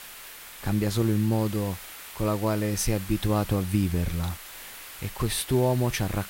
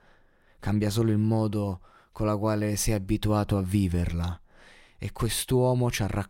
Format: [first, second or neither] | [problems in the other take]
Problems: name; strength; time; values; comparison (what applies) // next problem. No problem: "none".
second | hiss; noticeable; throughout; 15 dB below the speech